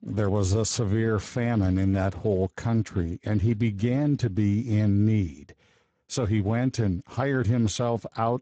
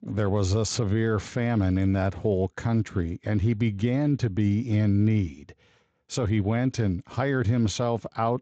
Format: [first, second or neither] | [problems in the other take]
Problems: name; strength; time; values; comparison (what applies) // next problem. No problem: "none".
second | garbled, watery; badly; nothing above 7.5 kHz; slightly in the second